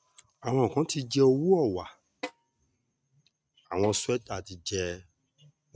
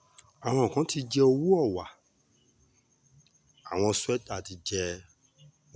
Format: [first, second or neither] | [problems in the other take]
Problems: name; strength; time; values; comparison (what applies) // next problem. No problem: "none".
second | noise reduction (neural mask model RNNoise)